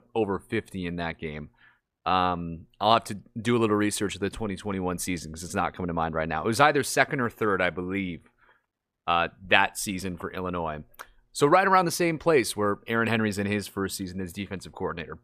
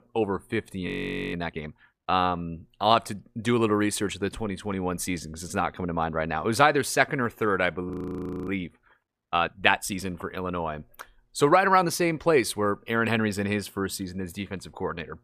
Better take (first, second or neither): first